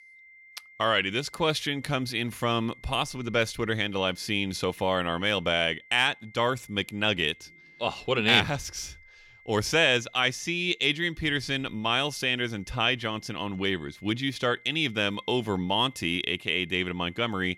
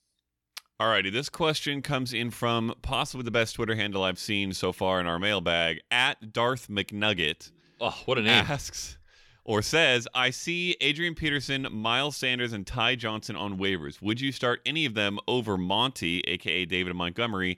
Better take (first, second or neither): second